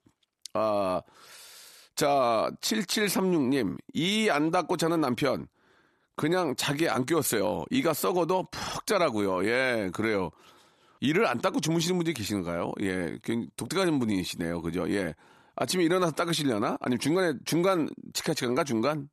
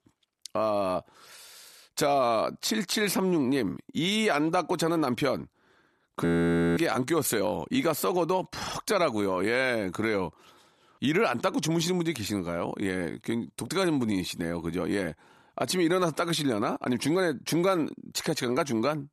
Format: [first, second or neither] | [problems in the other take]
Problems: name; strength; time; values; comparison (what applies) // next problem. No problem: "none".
first | audio freezing; at 6.5 s for 0.5 s